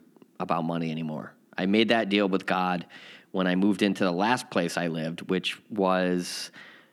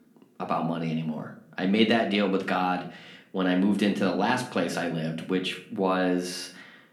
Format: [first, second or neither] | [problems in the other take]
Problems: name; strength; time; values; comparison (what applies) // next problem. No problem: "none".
first | room echo; slight; dies away in 0.4 s // off-mic speech; somewhat distant